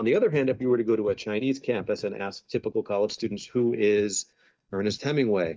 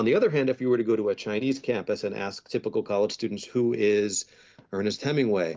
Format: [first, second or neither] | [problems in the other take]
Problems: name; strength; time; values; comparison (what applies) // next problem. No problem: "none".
second | noise reduction (neural mask model DeepFilterNet 3)